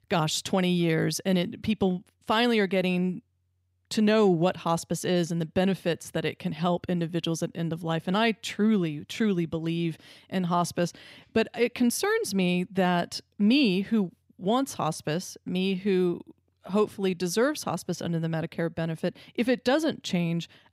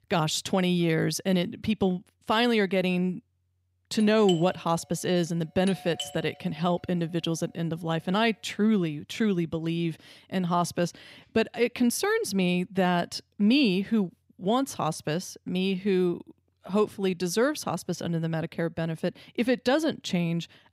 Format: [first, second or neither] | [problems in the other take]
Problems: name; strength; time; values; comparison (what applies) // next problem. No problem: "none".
first | doorbell; noticeable; from 4 to 6 s; peak 9 dB below the speech